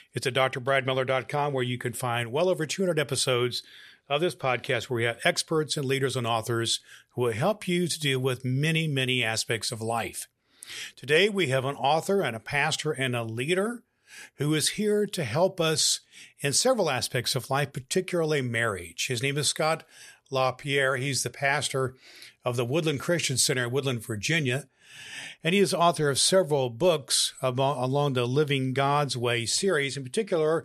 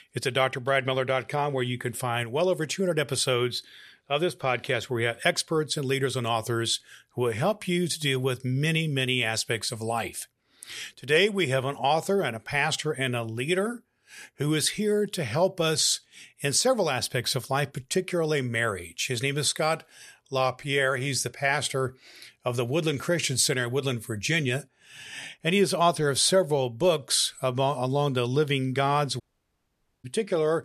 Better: first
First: none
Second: audio cutting out; at 29 s for 1 s

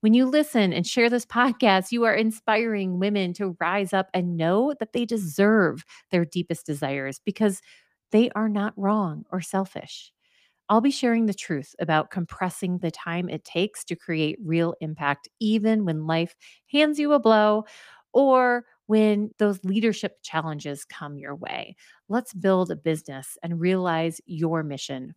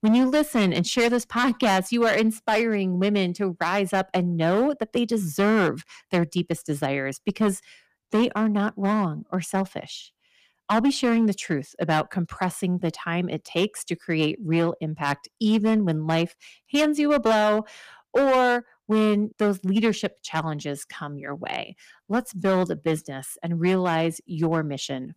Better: first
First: none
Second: distortion; slight; 6% of the sound clipped

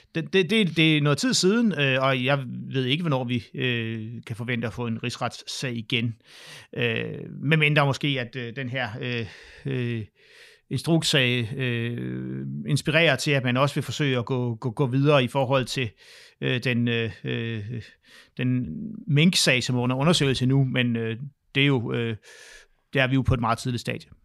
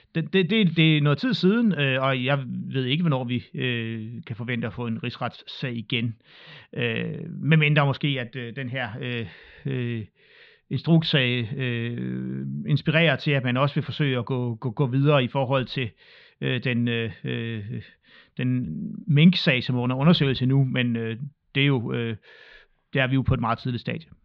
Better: first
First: none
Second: muffled; slightly; fading above 4 kHz

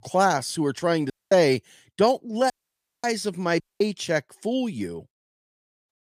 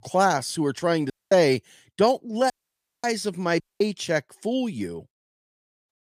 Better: neither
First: audio cutting out; at 1 s, at 2.5 s for 0.5 s and at 3.5 s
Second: audio cutting out; at 1 s, at 2.5 s for 0.5 s and at 3.5 s

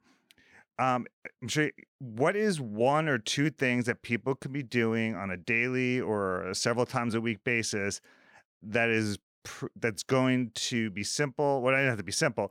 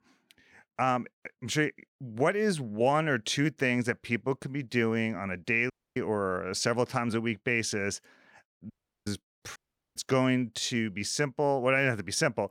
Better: first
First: none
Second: audio cutting out; at 5.5 s, at 8.5 s and at 9.5 s

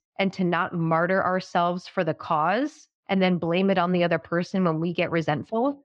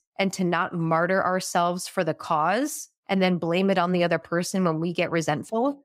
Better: second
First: muffled; slightly; fading above 4 kHz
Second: none

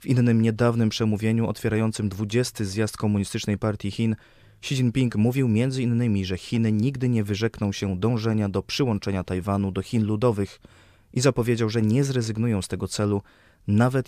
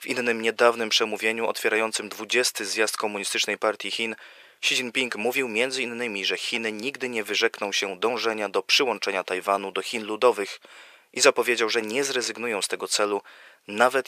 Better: first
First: none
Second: thin; very; fading below 500 Hz

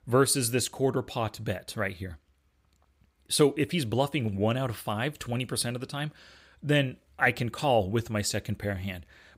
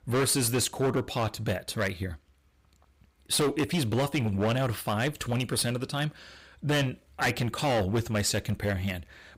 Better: first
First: none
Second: distortion; heavy; 11% of the sound clipped

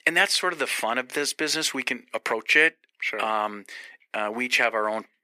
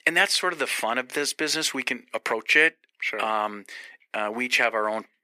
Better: neither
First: thin; very; fading below 400 Hz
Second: thin; very; fading below 400 Hz

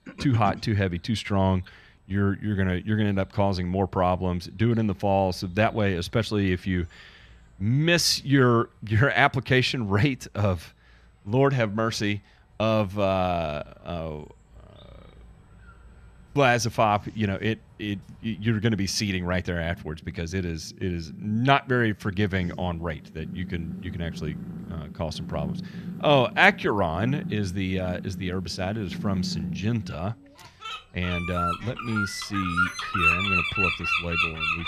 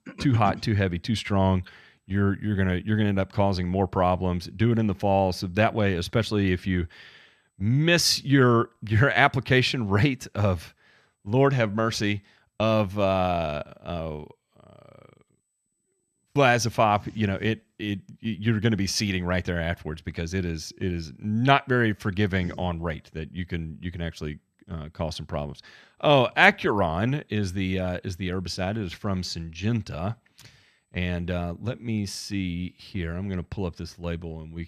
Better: second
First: animal sounds; loud; throughout; 4 dB below the speech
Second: none

